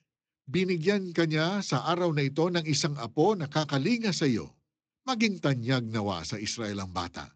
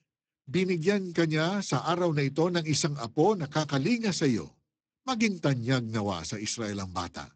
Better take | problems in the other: first | garbled, watery; badly; nothing above 8 kHz; slightly in the first

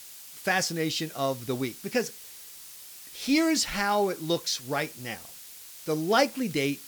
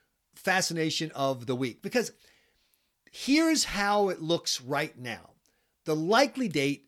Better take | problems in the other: second | hiss; noticeable; throughout; 15 dB below the speech

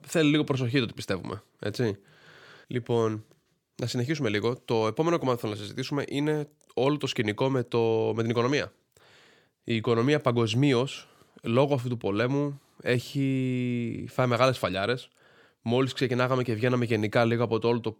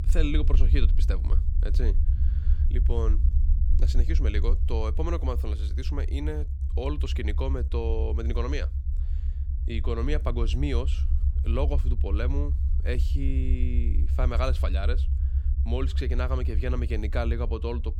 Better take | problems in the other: first | low rumble; noticeable; throughout; 10 dB below the speech

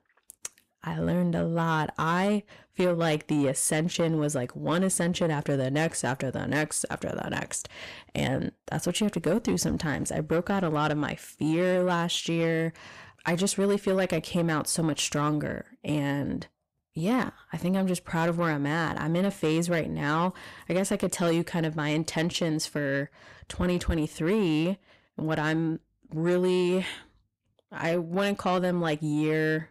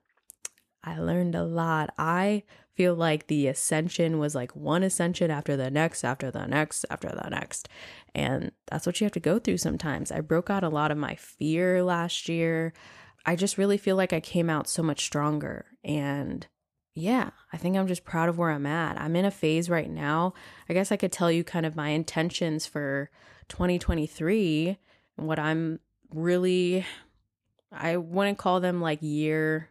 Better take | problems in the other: second | distortion; slight; 10 dB below the speech

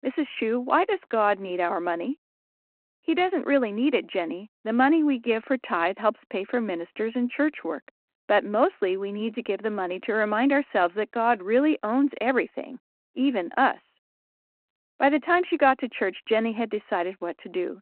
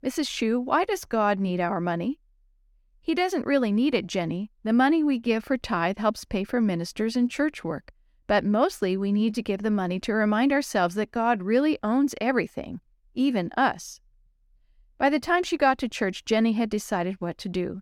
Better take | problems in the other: second | phone-call audio; nothing above 4 kHz

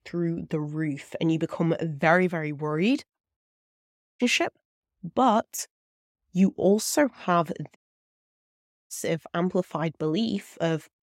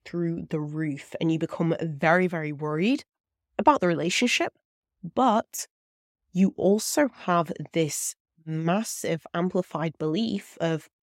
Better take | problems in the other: second | audio cutting out; at 3.5 s for 1 s and at 8 s for 1 s

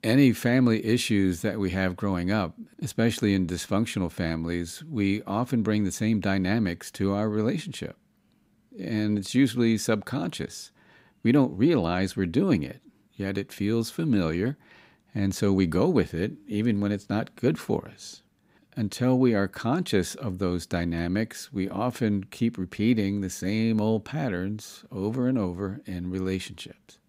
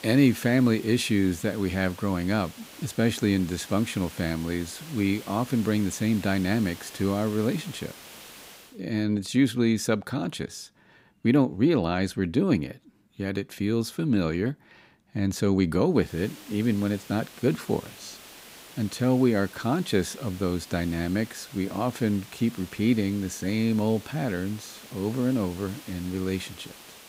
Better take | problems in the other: first | hiss; noticeable; until 8.5 s and from 16 s on; 20 dB below the speech

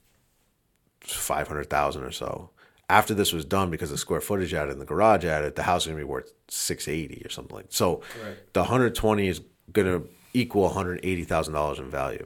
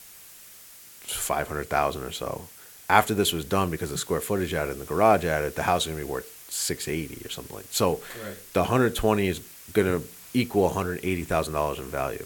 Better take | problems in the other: first | hiss; noticeable; throughout; 20 dB below the speech

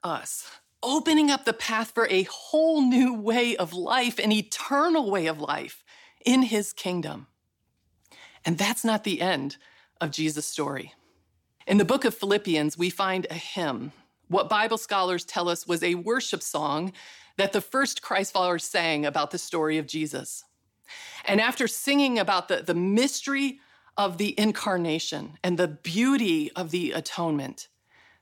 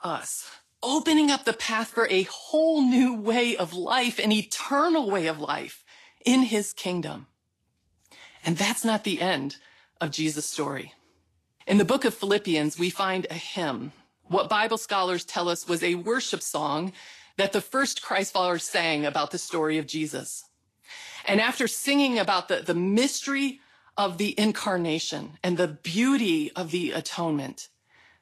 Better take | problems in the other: first | garbled, watery; slightly; nothing above 12.5 kHz

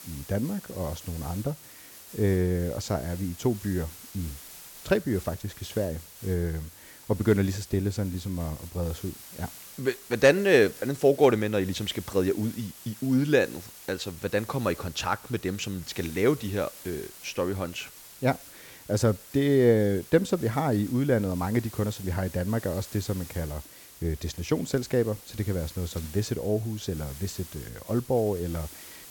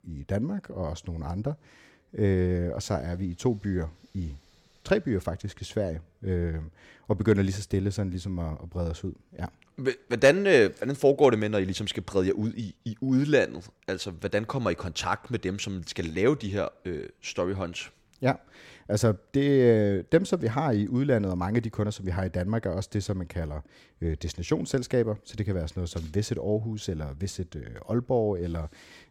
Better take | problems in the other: second | hiss; noticeable; throughout; 15 dB below the speech

